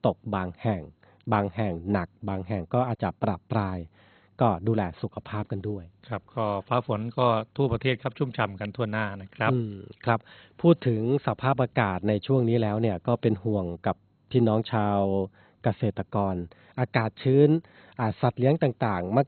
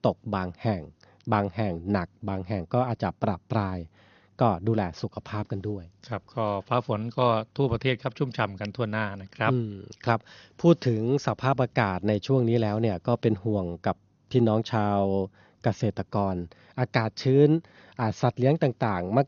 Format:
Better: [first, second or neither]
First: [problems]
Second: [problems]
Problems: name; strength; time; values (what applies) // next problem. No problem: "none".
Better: second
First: garbled, watery; badly; nothing above 4 kHz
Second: garbled, watery; slightly; nothing above 6.5 kHz